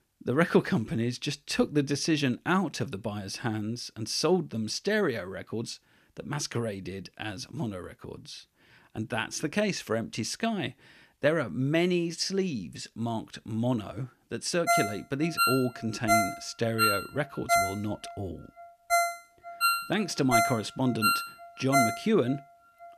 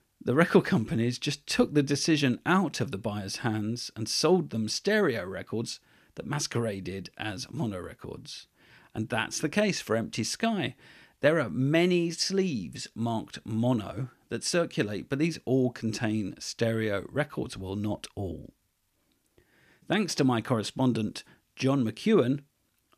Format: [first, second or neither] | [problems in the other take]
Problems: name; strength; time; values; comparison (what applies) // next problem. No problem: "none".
second | phone ringing; loud; from 15 to 22 s; peak 4 dB above the speech